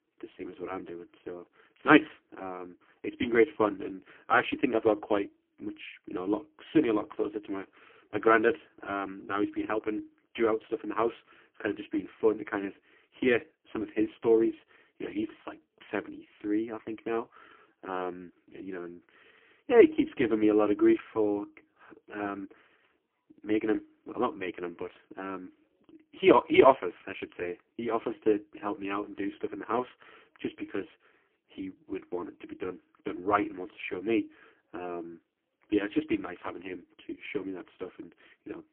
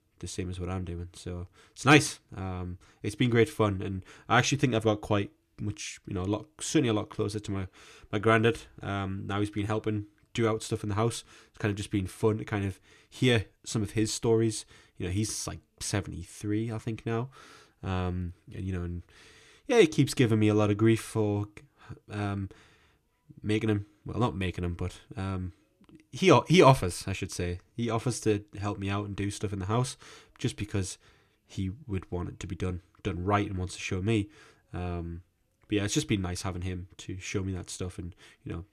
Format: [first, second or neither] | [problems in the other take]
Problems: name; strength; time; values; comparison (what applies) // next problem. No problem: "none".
second | phone-call audio; poor line; nothing above 3 kHz